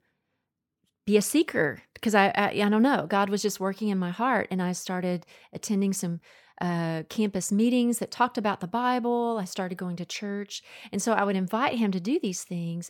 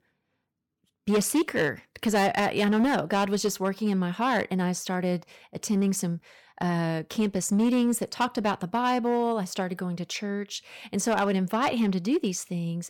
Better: first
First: none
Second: distortion; slight; 5% of the sound clipped

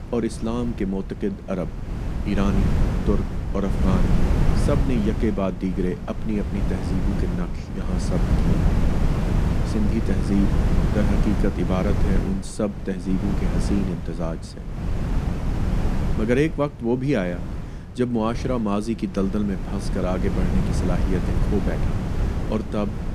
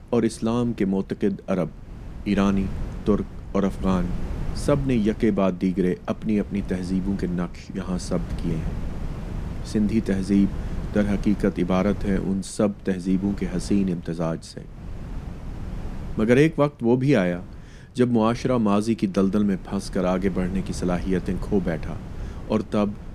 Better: second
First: wind noise on the microphone; heavy; 4 dB below the speech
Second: wind noise on the microphone; occasional gusts; 15 dB below the speech

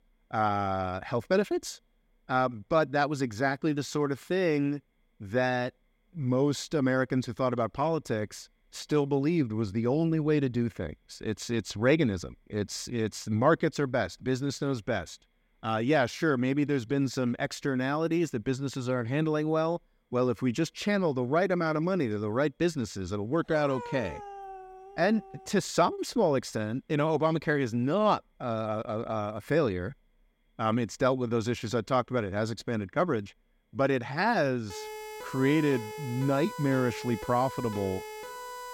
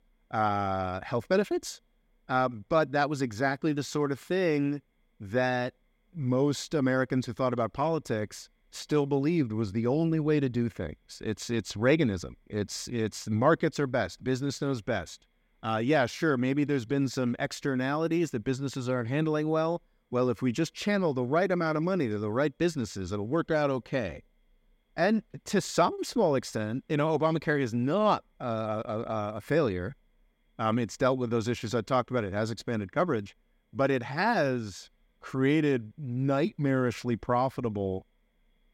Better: second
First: dog barking; faint; from 23 to 26 s; peak 10 dB below the speech // siren; faint; from 35 s on; peak 10 dB below the speech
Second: none

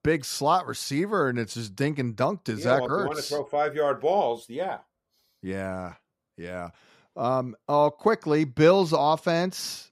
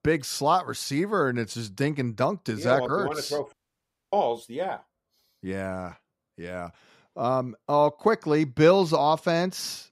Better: first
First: none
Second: audio cutting out; at 3.5 s for 0.5 s

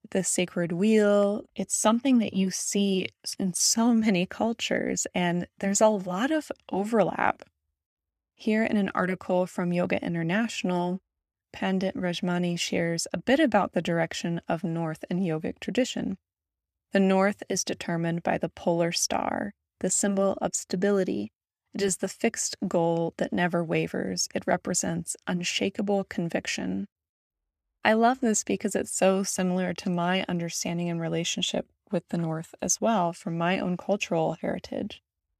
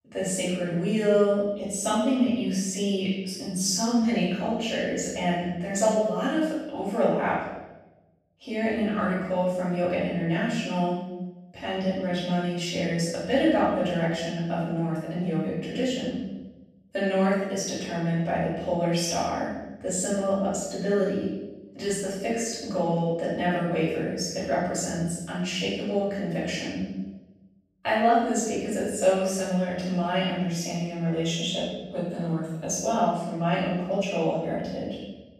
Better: first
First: none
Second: off-mic speech; far // room echo; strong; dies away in 1 s

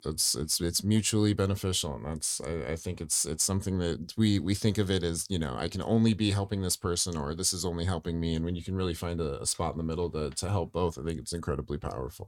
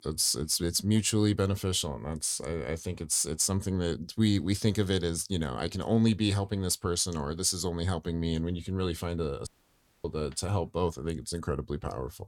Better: first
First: none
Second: audio cutting out; at 9.5 s for 0.5 s

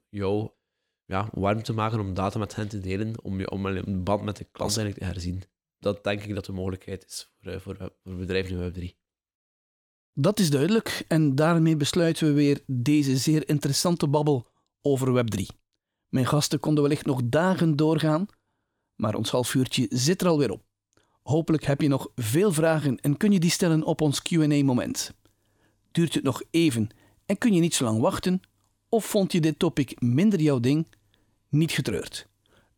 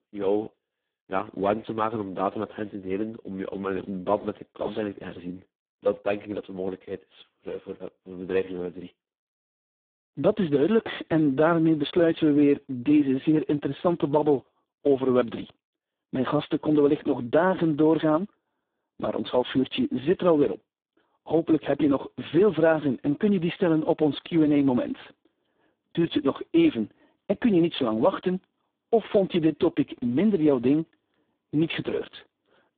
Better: first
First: none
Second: phone-call audio; poor line; nothing above 3.5 kHz

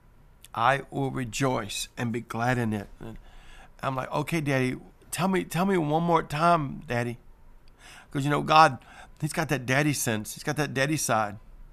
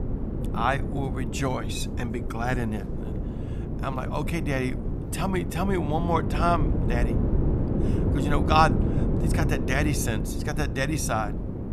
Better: first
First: none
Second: wind noise on the microphone; heavy; 8 dB below the speech

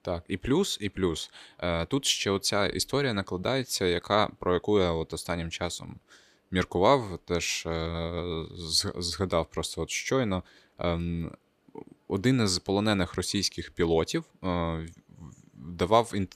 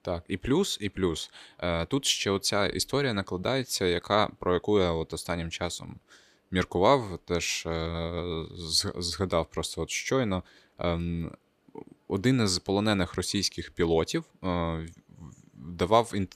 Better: neither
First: none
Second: none

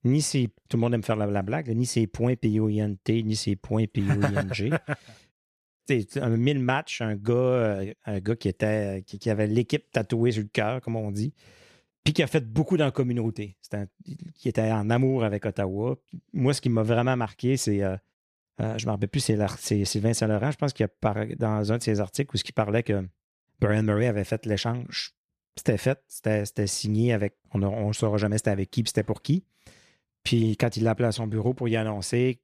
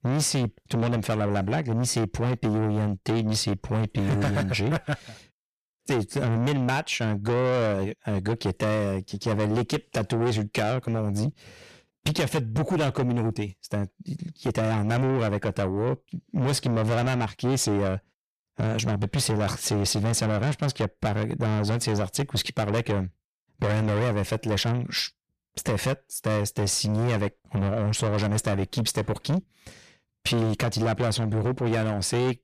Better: first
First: none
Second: distortion; heavy; 6 dB below the speech

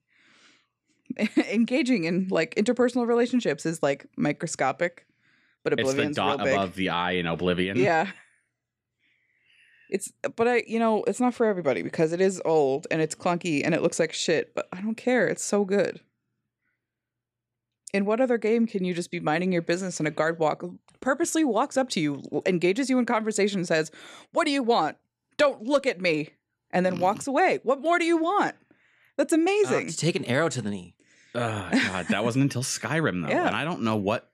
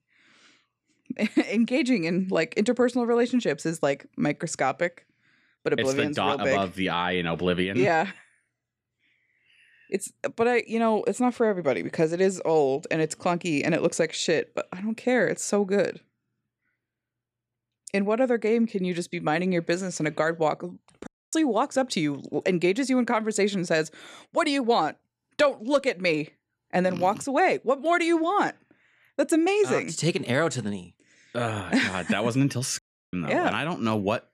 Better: first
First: none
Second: audio cutting out; at 21 s and at 33 s

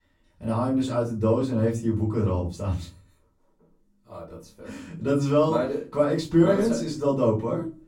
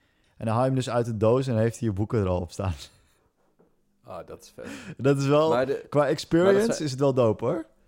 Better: second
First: off-mic speech; far // room echo; slight; dies away in 0.3 s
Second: none

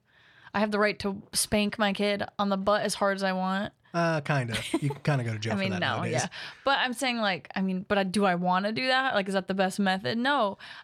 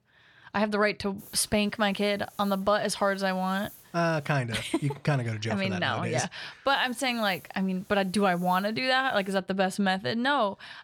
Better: first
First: none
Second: hiss; faint; from 1 to 4.5 s and from 6.5 to 9.5 s; 25 dB below the speech

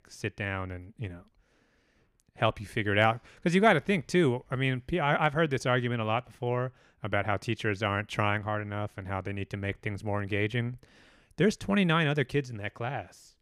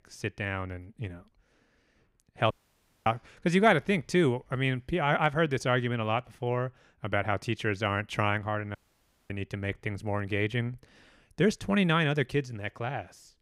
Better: first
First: none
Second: audio cutting out; at 2.5 s for 0.5 s and at 9 s for 0.5 s

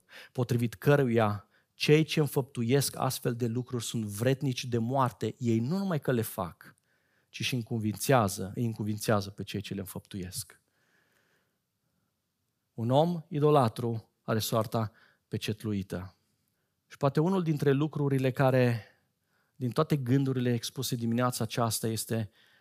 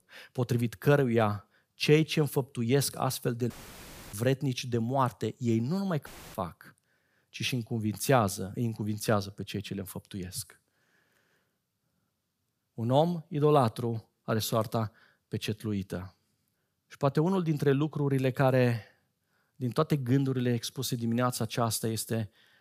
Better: first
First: none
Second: audio cutting out; filled with static; at 3.5 s for 0.5 s and at 6 s

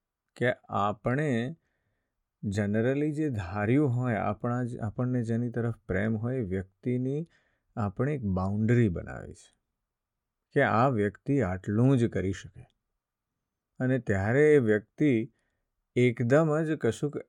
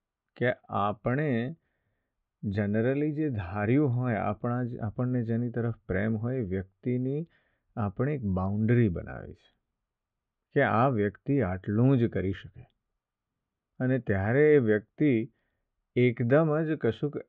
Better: first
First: none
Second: muffled; very; fading above 3 kHz

